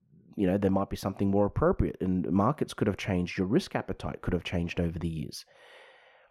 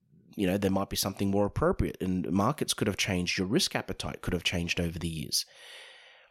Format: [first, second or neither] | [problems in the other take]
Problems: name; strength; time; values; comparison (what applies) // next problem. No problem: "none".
second | muffled; slightly; fading above 2.5 kHz